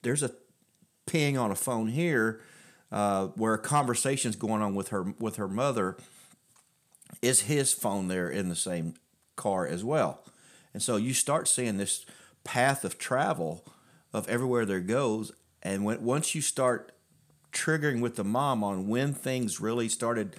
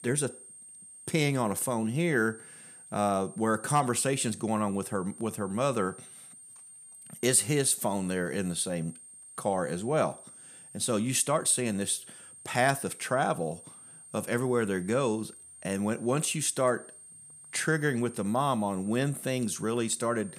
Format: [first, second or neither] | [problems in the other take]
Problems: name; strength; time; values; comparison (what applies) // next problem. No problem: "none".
first | high-pitched whine; noticeable; throughout; 8.5 kHz, 20 dB below the speech